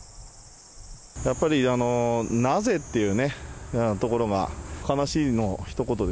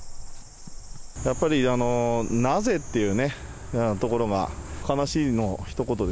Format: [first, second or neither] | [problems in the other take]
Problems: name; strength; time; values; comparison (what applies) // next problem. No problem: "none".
first | background sound (Chewing, mastication / Livestock, farm animals, working animals); 11 dB below the speech